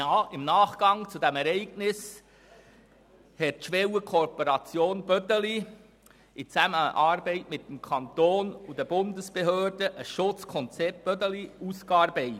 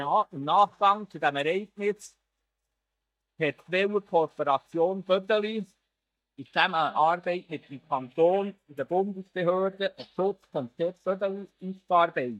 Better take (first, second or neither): first